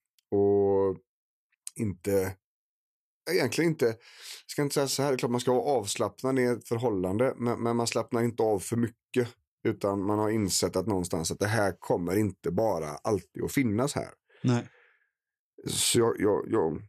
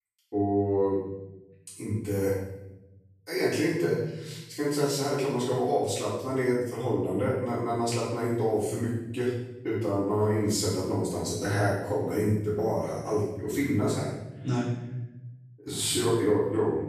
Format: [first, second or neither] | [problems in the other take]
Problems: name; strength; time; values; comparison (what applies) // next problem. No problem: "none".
first | room echo; strong; dies away in 0.9 s // off-mic speech; far